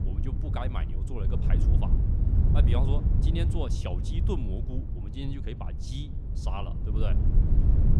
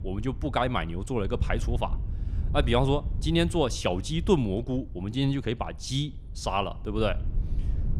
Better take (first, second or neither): second